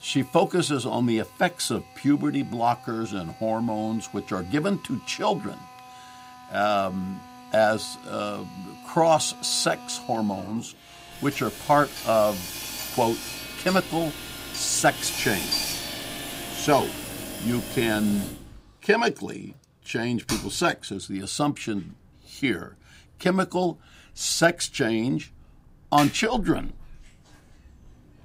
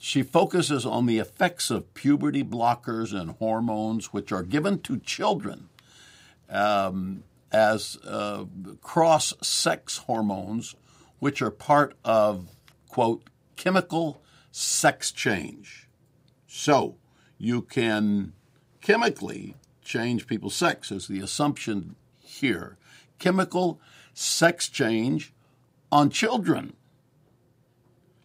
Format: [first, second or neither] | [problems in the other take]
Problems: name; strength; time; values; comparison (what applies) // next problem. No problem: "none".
second | machinery noise; loud; throughout; 10 dB below the speech